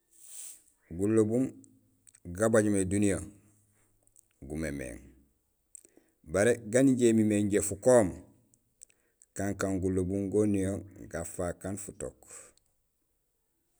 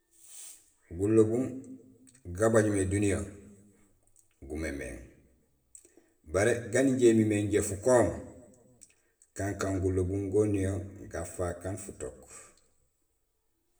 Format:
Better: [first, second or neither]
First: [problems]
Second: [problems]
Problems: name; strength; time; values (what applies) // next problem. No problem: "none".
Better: first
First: none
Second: room echo; dies away in 0.7 s